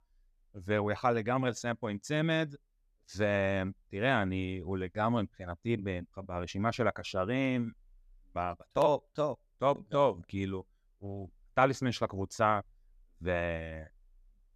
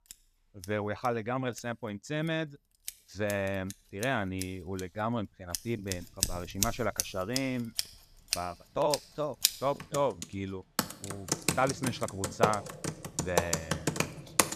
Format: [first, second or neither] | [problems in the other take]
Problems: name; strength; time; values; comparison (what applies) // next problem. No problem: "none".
first | household noises; very loud; throughout; as loud as the speech